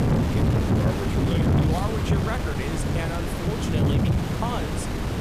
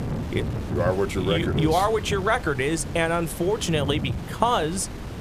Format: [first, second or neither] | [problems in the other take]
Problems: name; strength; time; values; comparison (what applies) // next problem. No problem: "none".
second | wind noise on the microphone; heavy; 4 dB above the speech; occasional gusts in the second